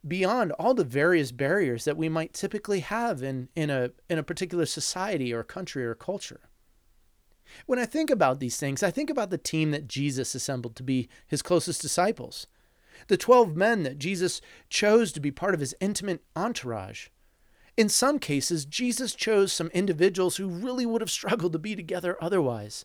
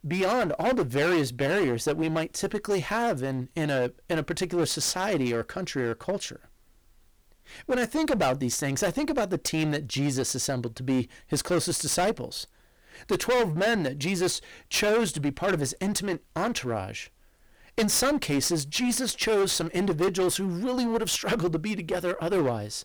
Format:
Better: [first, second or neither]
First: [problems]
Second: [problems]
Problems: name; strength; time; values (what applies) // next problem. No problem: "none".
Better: first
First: none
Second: distortion; heavy; 14% of the sound clipped